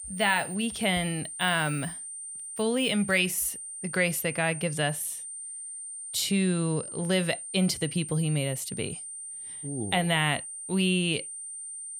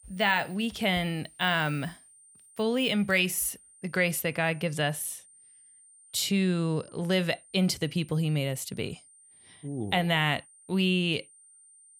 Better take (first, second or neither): second